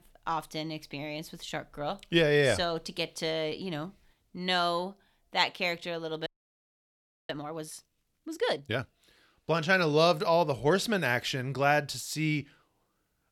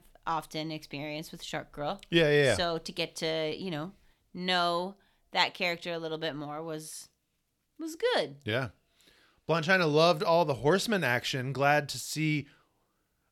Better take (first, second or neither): second